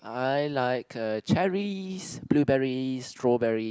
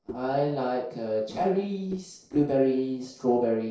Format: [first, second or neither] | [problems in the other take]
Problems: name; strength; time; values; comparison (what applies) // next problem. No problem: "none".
first | noise reduction (neural separator model SepFormer DNS4)